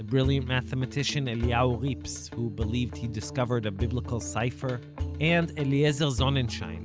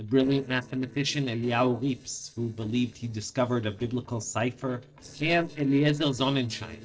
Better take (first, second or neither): first